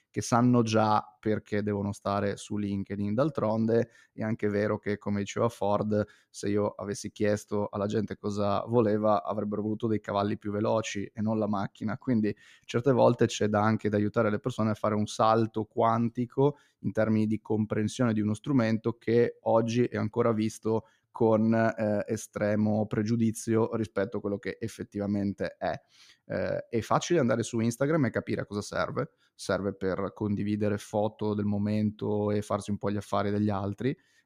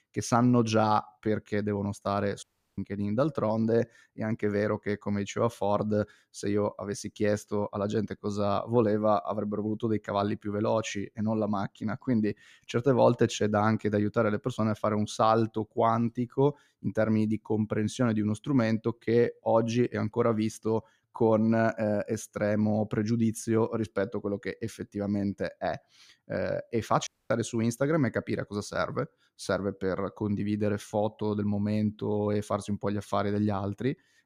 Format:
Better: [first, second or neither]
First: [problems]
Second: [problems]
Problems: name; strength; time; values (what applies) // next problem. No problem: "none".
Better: first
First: none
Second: audio cutting out; at 2.5 s and at 27 s